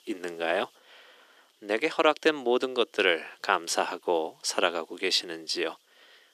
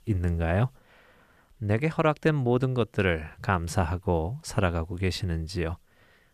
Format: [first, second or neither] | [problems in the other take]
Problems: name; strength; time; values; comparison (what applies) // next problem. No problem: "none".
second | thin; very; fading below 300 Hz